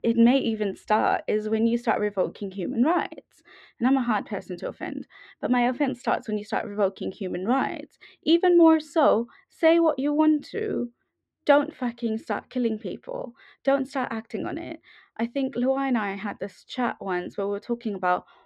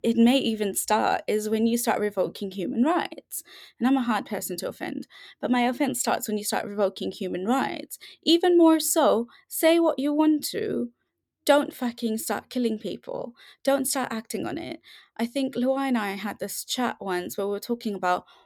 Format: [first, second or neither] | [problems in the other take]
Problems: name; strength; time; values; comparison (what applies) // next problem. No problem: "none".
second | muffled; very; fading above 2 kHz